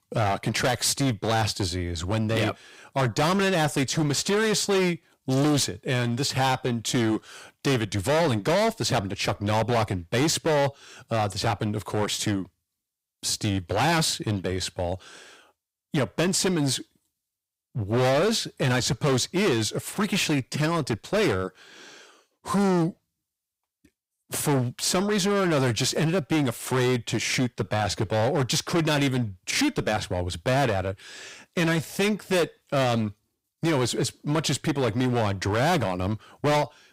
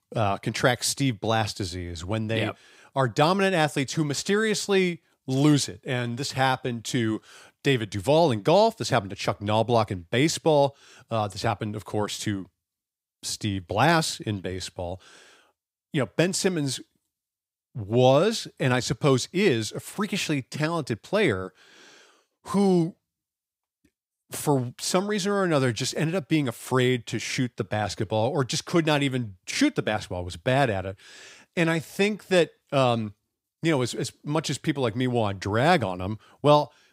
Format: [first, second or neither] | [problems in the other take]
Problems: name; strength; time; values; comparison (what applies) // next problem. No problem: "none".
second | distortion; heavy; 15% of the sound clipped